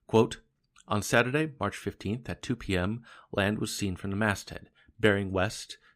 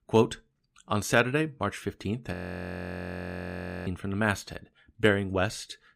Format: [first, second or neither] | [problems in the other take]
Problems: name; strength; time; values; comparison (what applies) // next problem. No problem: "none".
first | audio freezing; at 2.5 s for 1.5 s